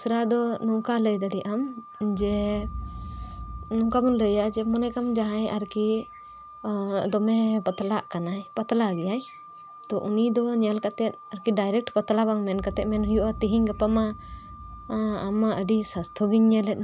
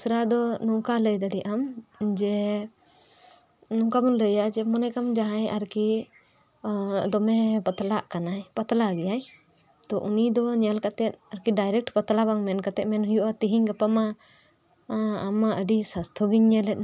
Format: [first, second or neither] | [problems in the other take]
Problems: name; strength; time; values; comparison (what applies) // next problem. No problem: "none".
second | background sound (Wind instrument, woodwind instrument + Boom); 15 dB below the speech